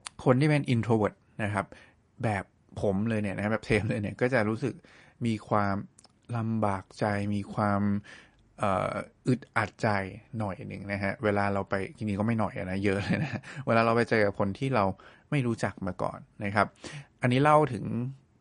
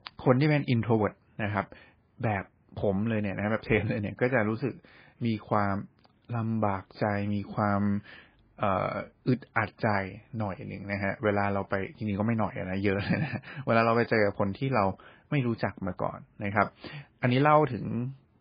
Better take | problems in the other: first | garbled, watery; badly; nothing above 5 kHz; slightly in the first

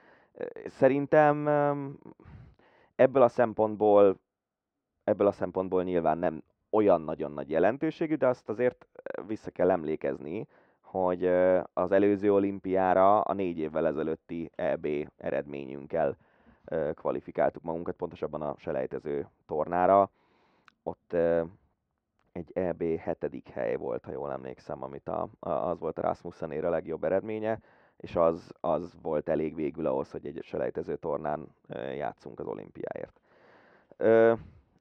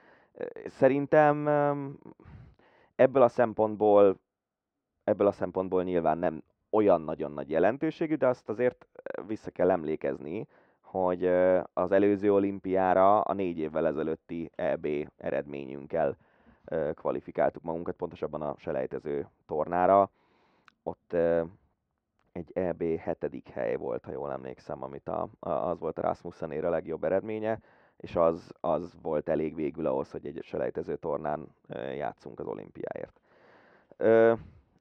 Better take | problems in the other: neither | muffled; very; fading above 2.5 kHz; the same in both

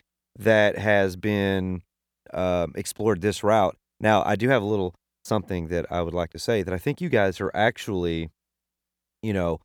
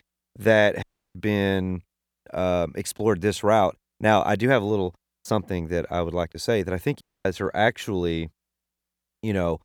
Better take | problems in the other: first | audio cutting out; at 1 s and at 7 s

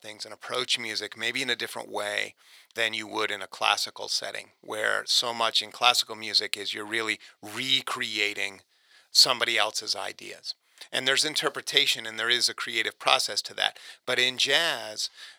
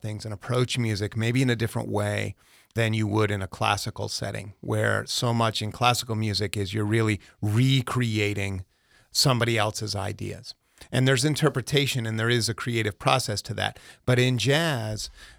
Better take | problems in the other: second | thin; very; fading below 550 Hz

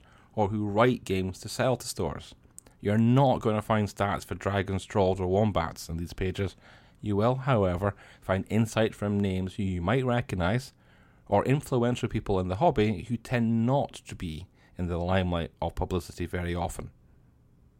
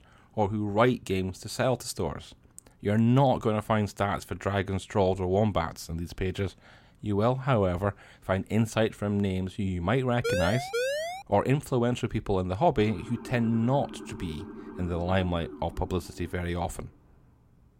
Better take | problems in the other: first | siren; noticeable; at 10 s; peak 1 dB below the speech // siren; faint; from 13 to 17 s; peak 15 dB below the speech

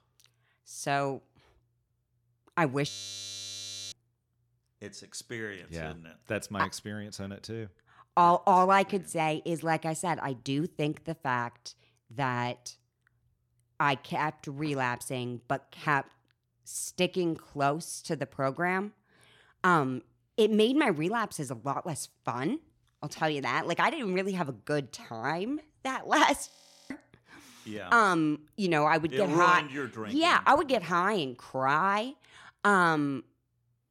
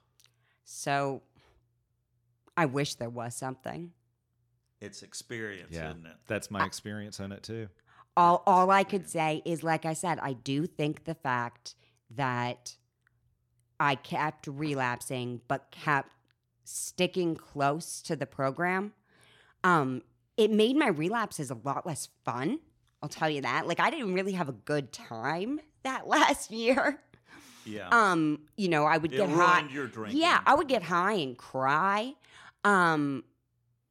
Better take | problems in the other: second | audio freezing; at 3 s for 1 s and at 26 s

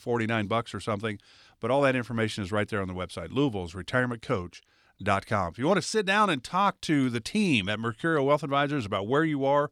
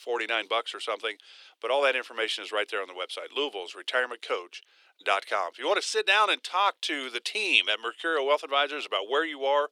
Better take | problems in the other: first | thin; very; fading below 400 Hz

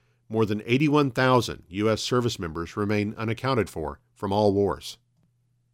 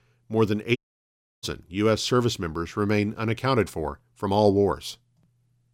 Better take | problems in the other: first | audio cutting out; at 1 s for 0.5 s

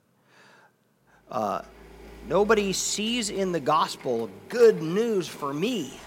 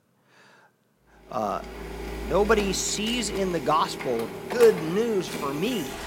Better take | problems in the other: first | household noises; loud; from 1.5 s on; 10 dB below the speech; faint in the first

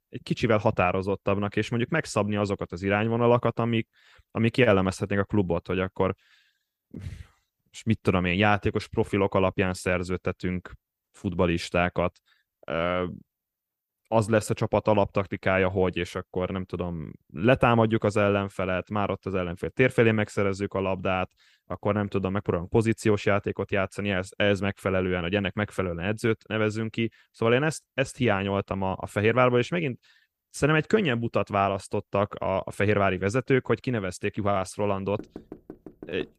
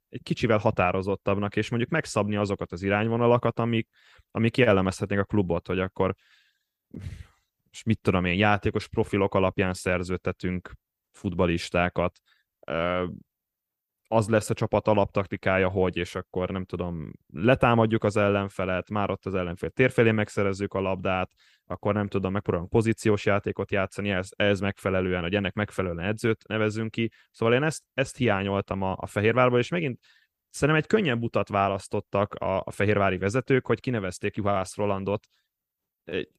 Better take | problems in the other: second | door banging; faint; from 35 s on; peak 15 dB below the speech

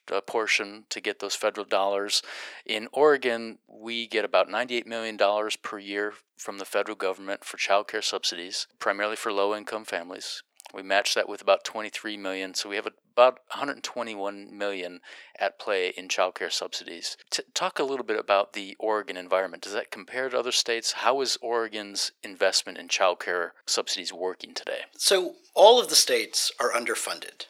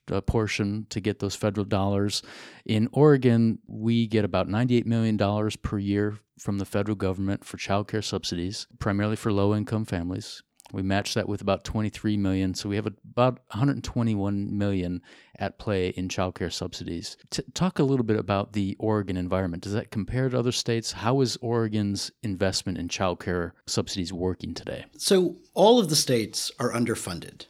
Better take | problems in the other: second | thin; very; fading below 500 Hz

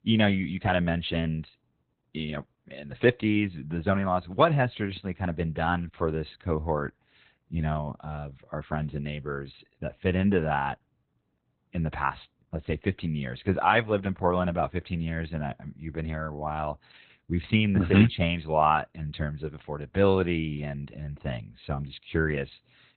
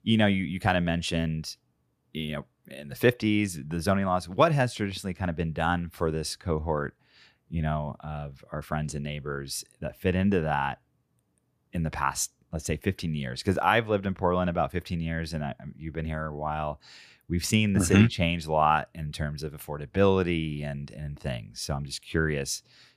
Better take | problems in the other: second | garbled, watery; badly; nothing above 3.5 kHz

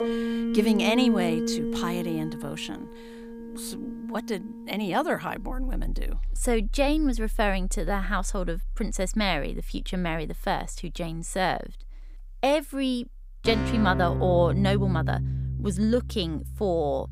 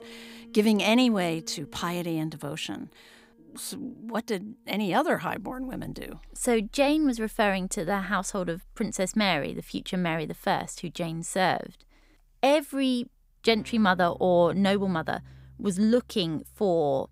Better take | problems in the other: second | background music; loud; throughout; 4 dB below the speech; faint in the second

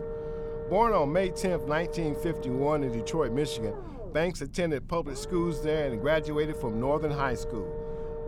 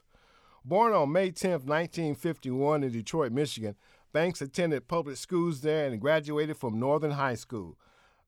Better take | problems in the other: second | low rumble; loud; throughout; 8 dB below the speech

